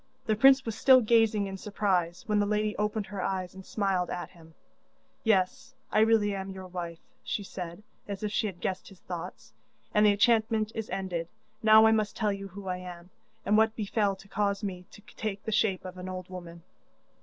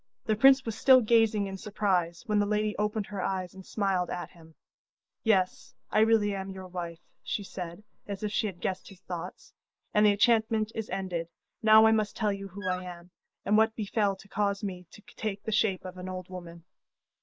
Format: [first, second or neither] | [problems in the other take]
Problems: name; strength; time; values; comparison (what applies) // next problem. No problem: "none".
first | noise reduction (neural mask model Resemble Enhance denoiser)